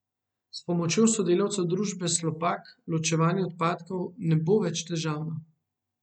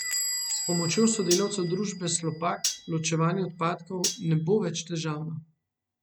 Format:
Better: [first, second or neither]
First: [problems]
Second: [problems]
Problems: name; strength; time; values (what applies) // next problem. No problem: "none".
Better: first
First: none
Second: background sound (Squeak / Bell + Cutlery, silverware); 7 dB below the speech